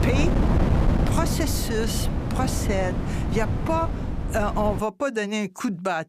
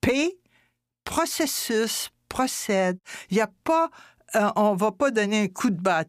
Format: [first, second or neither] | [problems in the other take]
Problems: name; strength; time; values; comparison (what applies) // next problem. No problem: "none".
second | wind noise on the microphone; heavy; until 5 s; 5 dB below the speech